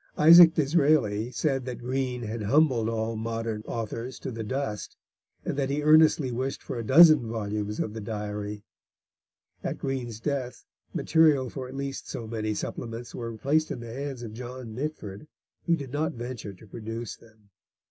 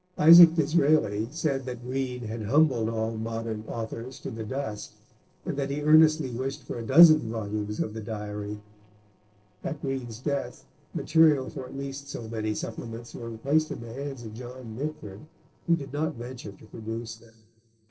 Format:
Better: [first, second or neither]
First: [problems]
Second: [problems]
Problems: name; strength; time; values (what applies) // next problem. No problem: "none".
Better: first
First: none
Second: noise reduction (neural separator model SepFormer DNS4)